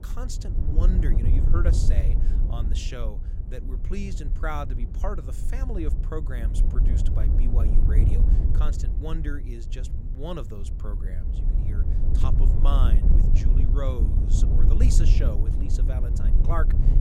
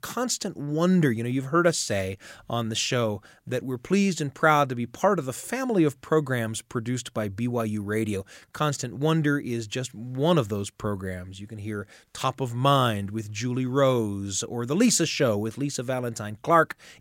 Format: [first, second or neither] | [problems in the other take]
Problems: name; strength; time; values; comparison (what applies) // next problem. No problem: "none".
second | wind noise on the microphone; heavy; 4 dB below the speech